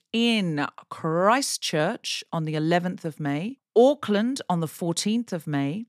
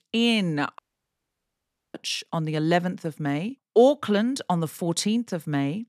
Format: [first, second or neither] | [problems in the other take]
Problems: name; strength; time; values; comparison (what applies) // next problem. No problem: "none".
first | audio cutting out; at 1 s for 1 s